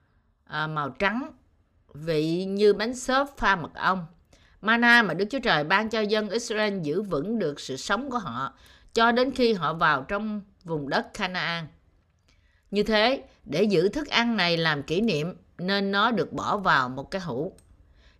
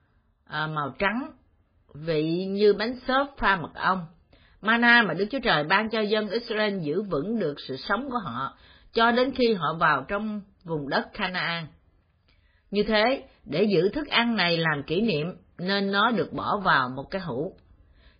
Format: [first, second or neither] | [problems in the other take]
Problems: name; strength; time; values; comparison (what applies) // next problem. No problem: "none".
first | garbled, watery; badly; nothing above 4.5 kHz